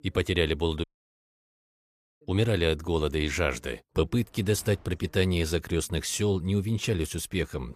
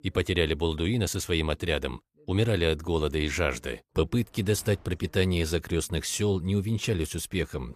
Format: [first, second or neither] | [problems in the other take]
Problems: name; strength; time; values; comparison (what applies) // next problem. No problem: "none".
second | audio cutting out; at 1 s for 1.5 s